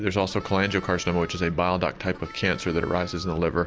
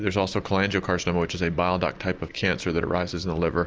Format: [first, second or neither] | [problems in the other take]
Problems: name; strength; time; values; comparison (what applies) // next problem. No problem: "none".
second | background sound (Harmonica); 19 dB below the speech